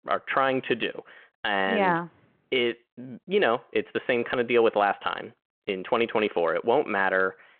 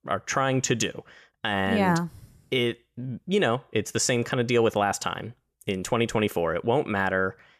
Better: second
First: phone-call audio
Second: none

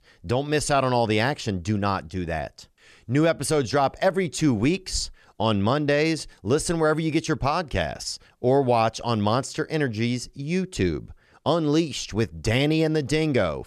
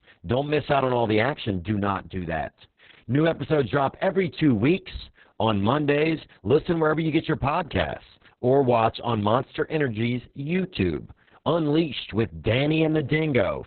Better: first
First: none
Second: garbled, watery; badly; nothing above 4 kHz

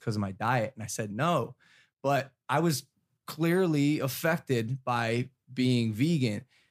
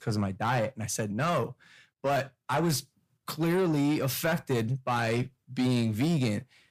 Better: first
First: none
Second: distortion; slight; 10 dB below the speech

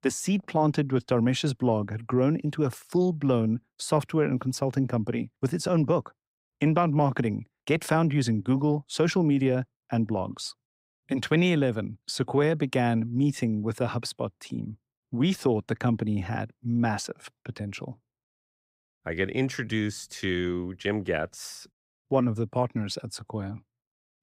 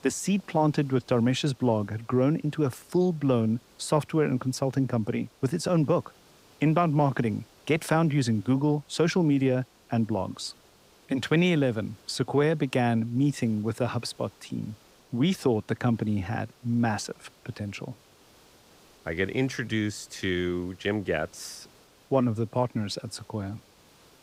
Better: first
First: none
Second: hiss; faint; throughout; 30 dB below the speech

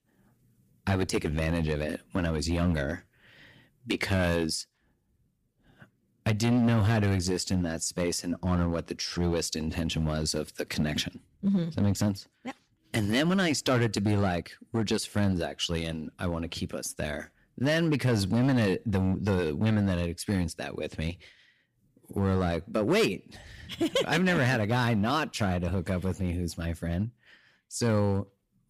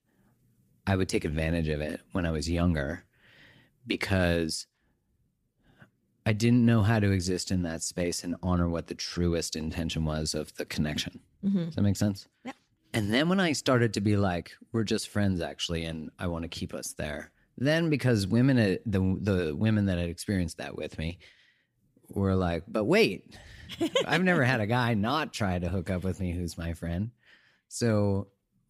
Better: second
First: distortion; slight; 5% of the sound clipped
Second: none

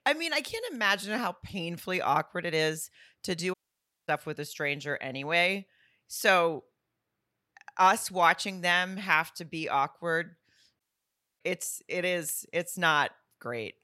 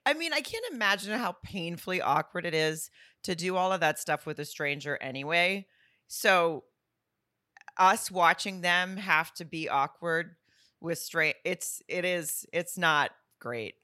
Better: second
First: audio cutting out; at 3.5 s for 0.5 s and at 11 s for 0.5 s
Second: none

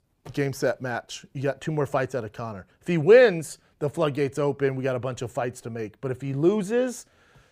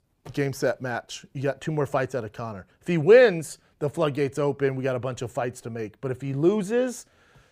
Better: neither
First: none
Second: none

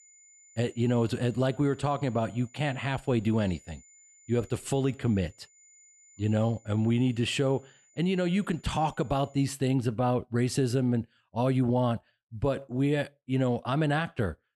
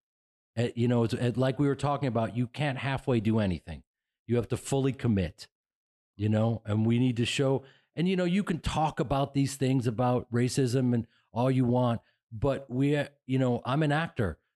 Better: second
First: high-pitched whine; faint; until 9.5 s; 7 kHz, 30 dB below the speech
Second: none

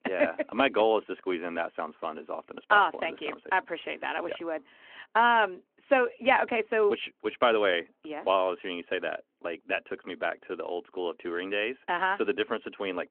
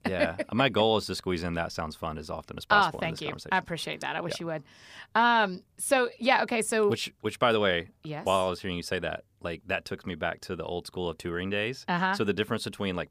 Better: second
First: phone-call audio; nothing above 3 kHz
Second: none

